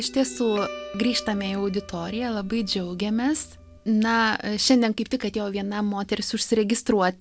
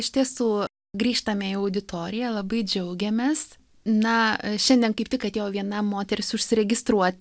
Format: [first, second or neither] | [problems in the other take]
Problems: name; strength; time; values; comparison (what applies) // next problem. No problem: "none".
second | background sound (Guitar); 18 dB below the speech